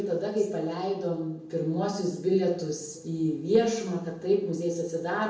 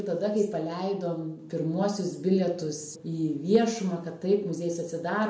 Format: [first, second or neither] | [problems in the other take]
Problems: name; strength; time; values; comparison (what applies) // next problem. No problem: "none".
second | room echo; dies away in 0.6 s